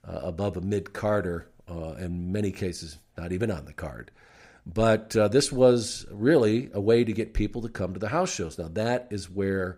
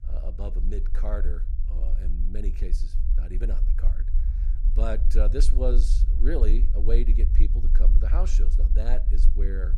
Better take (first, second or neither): first